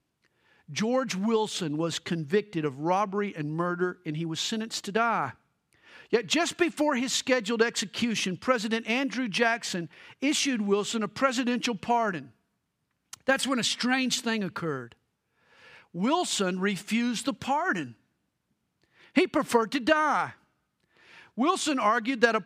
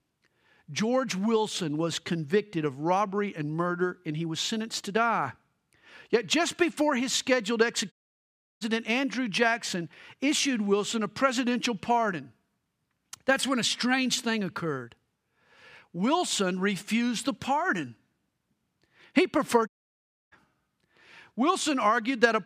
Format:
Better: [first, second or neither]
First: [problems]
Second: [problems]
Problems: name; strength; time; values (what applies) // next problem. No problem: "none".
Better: first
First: none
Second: audio cutting out; at 8 s for 0.5 s and at 20 s for 0.5 s